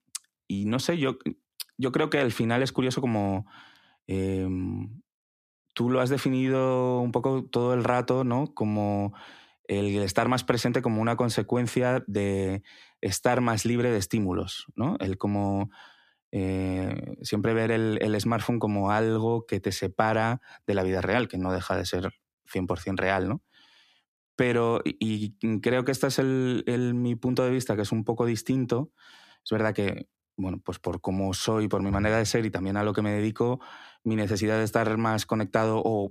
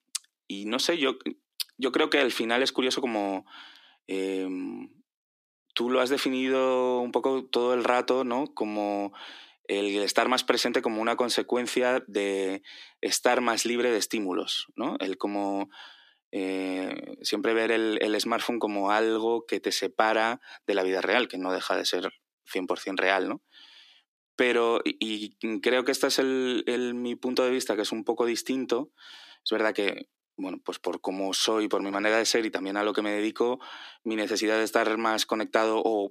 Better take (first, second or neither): first